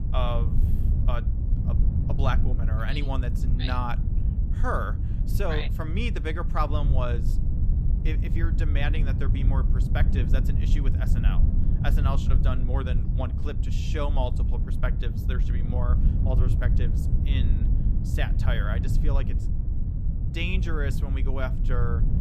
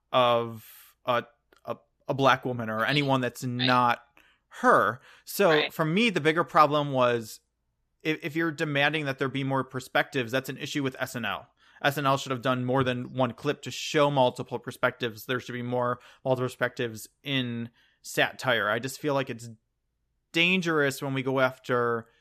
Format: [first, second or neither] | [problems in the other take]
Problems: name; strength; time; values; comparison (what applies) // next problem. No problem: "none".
second | low rumble; loud; throughout; 7 dB below the speech